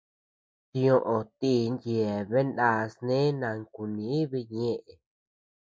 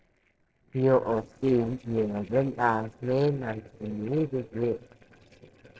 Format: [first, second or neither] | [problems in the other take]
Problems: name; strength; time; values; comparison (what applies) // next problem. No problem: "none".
first | noise reduction (neural separator model SepFormer DNS4)